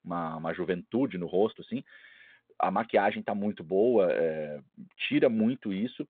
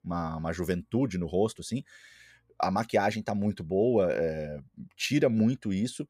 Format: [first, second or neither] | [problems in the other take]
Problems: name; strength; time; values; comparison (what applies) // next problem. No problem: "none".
second | phone-call audio